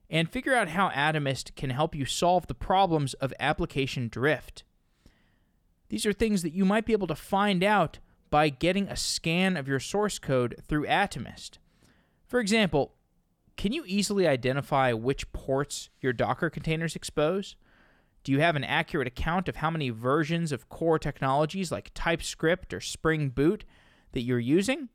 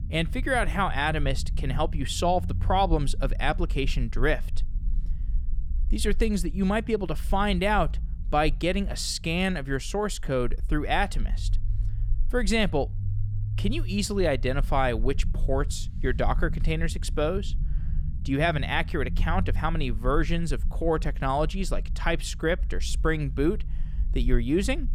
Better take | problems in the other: first | low rumble; faint; throughout; 20 dB below the speech

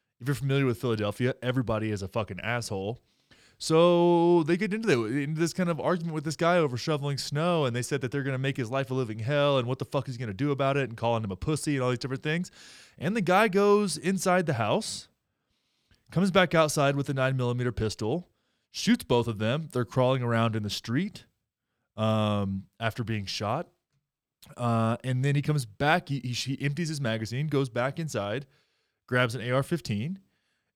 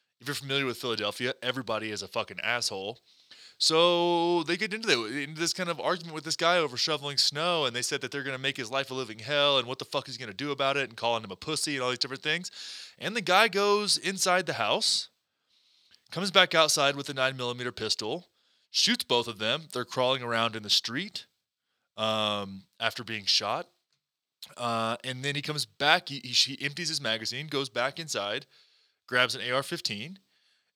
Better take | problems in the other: first | thin; somewhat; fading below 700 Hz

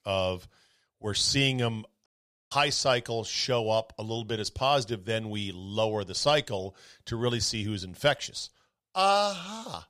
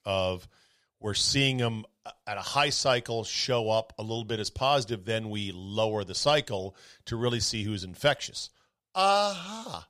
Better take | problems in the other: second | audio cutting out; at 2 s

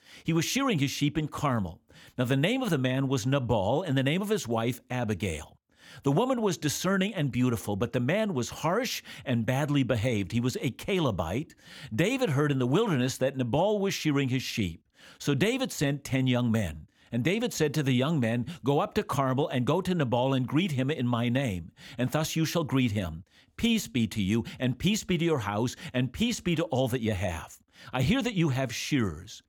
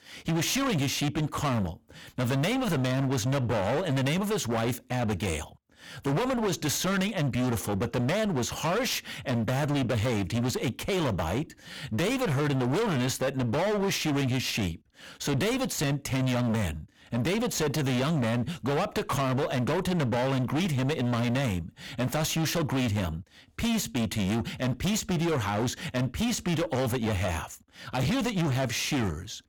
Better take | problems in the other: first | distortion; heavy; 33% of the sound clipped

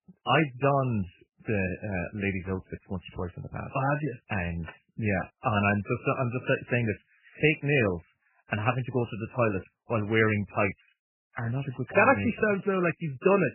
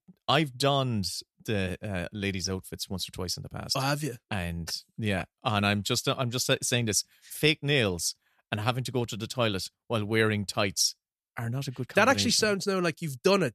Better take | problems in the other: second | garbled, watery; badly; nothing above 3 kHz

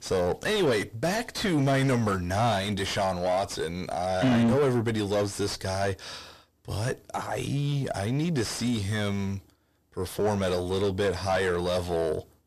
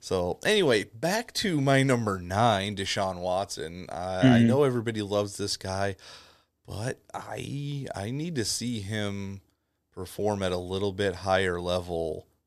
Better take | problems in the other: second | distortion; heavy; 5 dB below the speech

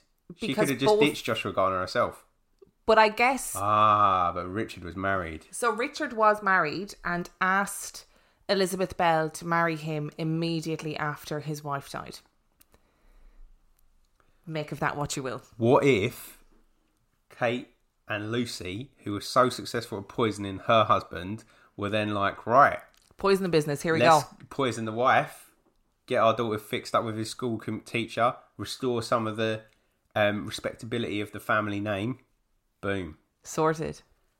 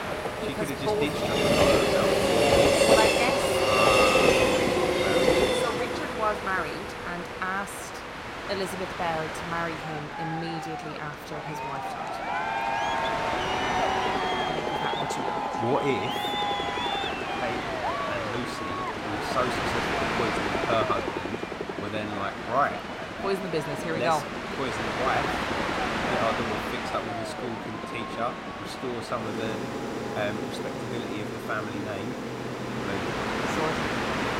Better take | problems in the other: first | train or aircraft noise; very loud; throughout; 5 dB above the speech

